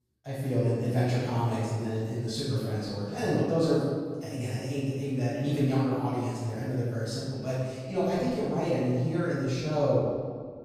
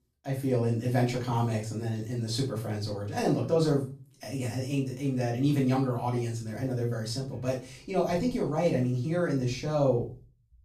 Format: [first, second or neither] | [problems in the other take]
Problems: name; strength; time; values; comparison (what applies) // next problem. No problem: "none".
second | room echo; strong; dies away in 1.6 s; slight in the second // off-mic speech; far; far in the second